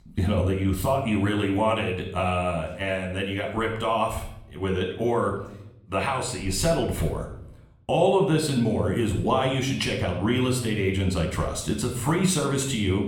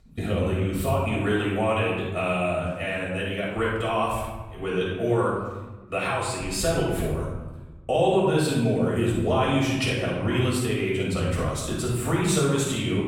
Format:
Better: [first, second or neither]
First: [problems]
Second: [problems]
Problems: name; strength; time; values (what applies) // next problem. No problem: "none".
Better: first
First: room echo; slight; dies away in 0.6 s // off-mic speech; somewhat distant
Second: room echo; strong; dies away in 1.2 s // off-mic speech; far